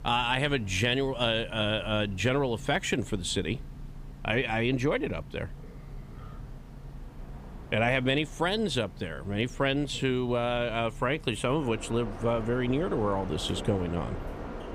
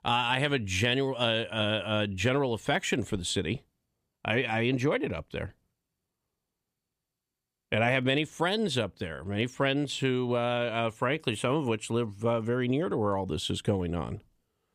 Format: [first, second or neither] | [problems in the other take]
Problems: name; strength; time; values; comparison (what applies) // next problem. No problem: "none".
second | train or aircraft noise; noticeable; throughout; 15 dB below the speech